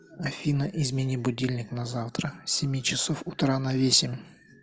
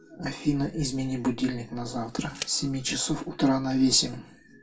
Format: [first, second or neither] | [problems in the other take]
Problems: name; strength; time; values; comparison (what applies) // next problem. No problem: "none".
first | background sound (Tick); 18 dB below the speech // room echo; dies away in 0.2 s